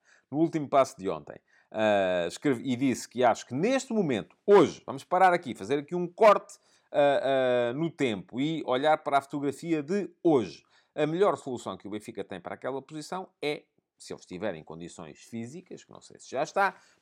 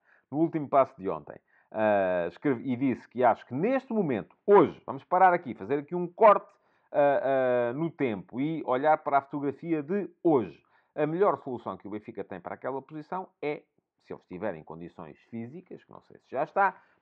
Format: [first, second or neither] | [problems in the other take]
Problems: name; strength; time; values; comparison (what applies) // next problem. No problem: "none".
first | muffled; very; fading above 2.5 kHz